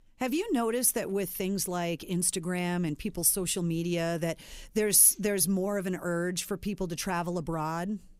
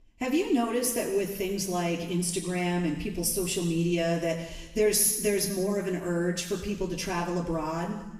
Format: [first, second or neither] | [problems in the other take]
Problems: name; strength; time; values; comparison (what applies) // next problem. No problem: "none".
first | room echo; noticeable; dies away in 1.1 s // off-mic speech; far